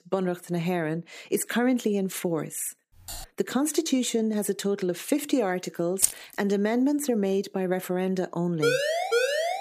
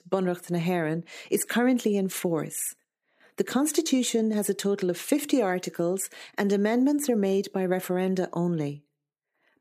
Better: second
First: keyboard typing; faint; at 3 s; peak 10 dB below the speech // jangling keys; loud; at 6 s; peak 3 dB above the speech // siren; loud; at 8.5 s; peak 3 dB above the speech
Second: none

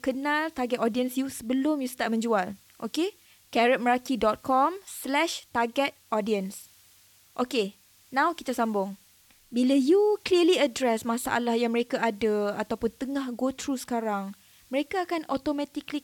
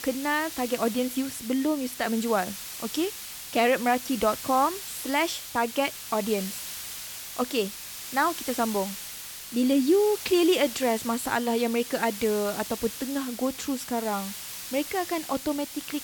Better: first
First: hiss; faint; throughout; 30 dB below the speech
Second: hiss; loud; throughout; 9 dB below the speech

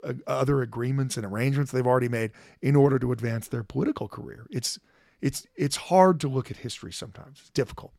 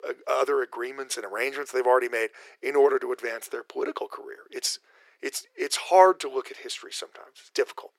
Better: first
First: none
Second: thin; very; fading below 400 Hz

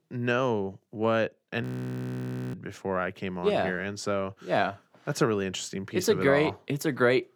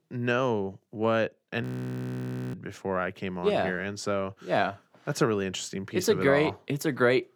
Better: neither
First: audio freezing; at 1.5 s for 1 s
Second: audio freezing; at 1.5 s for 1 s

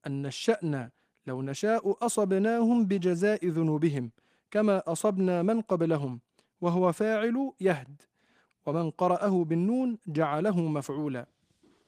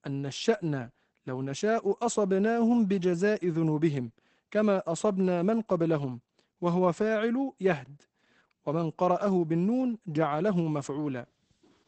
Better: first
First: garbled, watery; slightly; nothing above 15 kHz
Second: garbled, watery; badly; nothing above 8 kHz

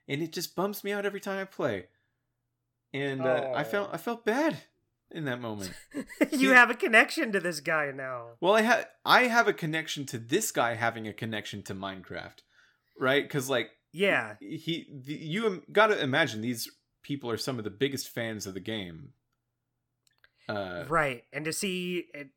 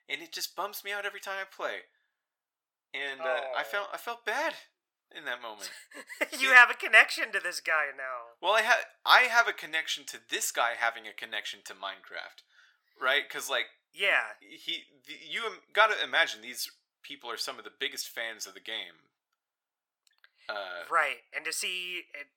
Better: first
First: none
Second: thin; very; fading below 850 Hz

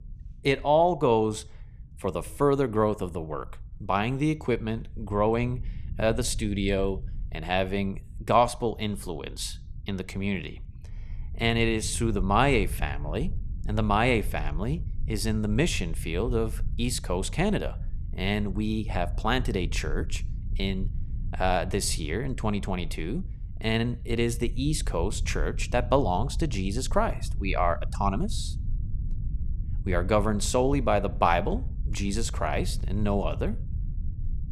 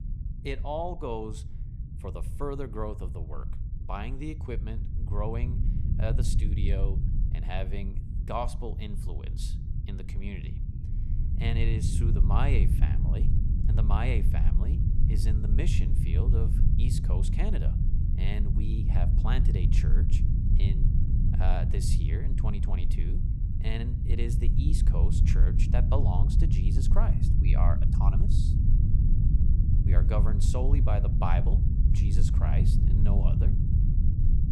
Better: first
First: low rumble; faint; throughout; 25 dB below the speech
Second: low rumble; loud; throughout; 3 dB below the speech

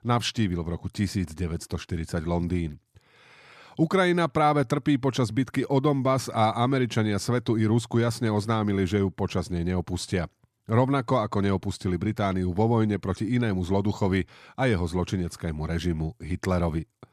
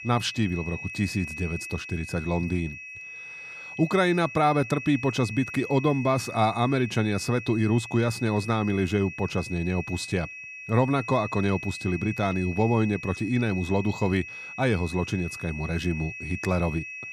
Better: first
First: none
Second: high-pitched whine; noticeable; throughout; 2.5 kHz, 10 dB below the speech

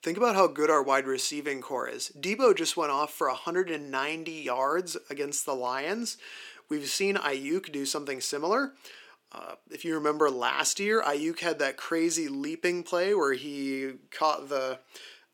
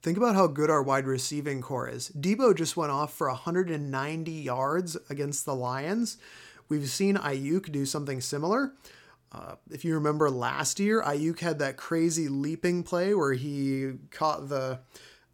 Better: second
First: thin; somewhat; fading below 300 Hz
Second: none

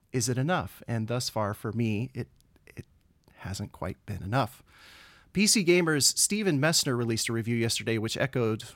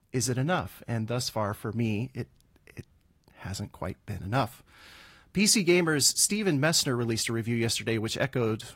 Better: first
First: none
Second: garbled, watery; slightly; nothing above 16.5 kHz

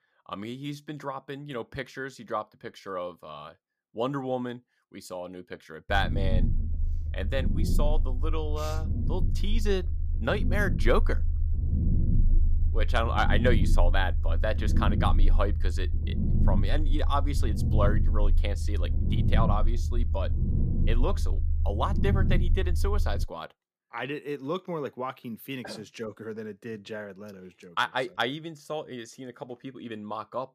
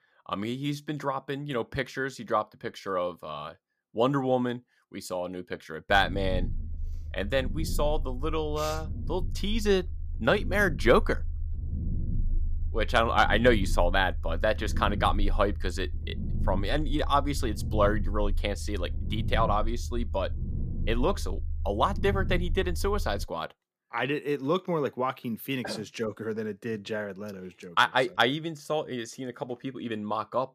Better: second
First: low rumble; loud; from 6 to 23 s; 10 dB below the speech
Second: low rumble; faint; from 6 to 23 s; 20 dB below the speech

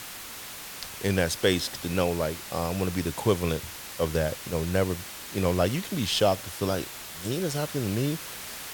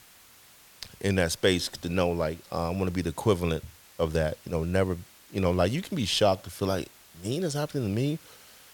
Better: second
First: hiss; loud; throughout; 9 dB below the speech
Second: hiss; faint; throughout; 25 dB below the speech

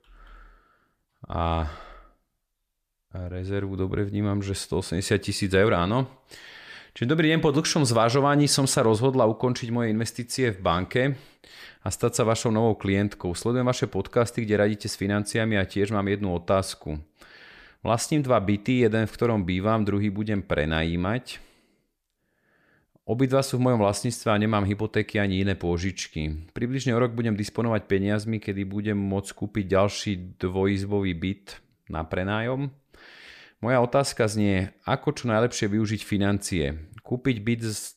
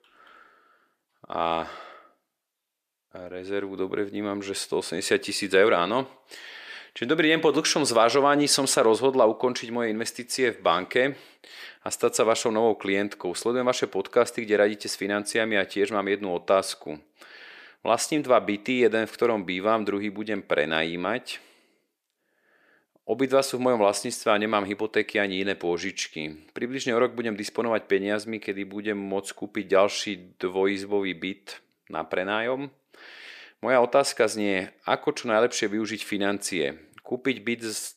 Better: first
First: none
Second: thin; somewhat; fading below 350 Hz

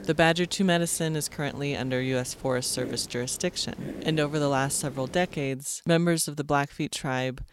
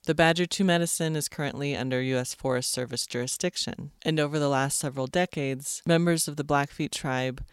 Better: second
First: hiss; noticeable; until 5.5 s; 15 dB below the speech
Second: none

